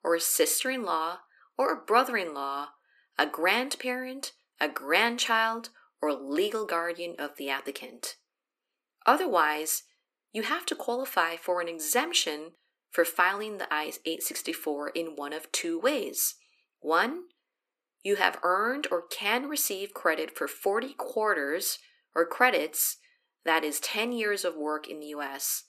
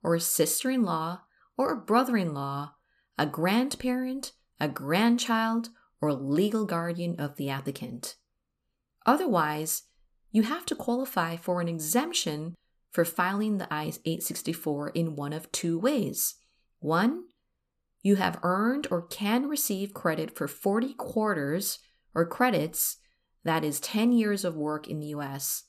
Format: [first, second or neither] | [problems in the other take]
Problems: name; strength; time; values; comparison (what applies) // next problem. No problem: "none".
second | thin; somewhat; fading below 300 Hz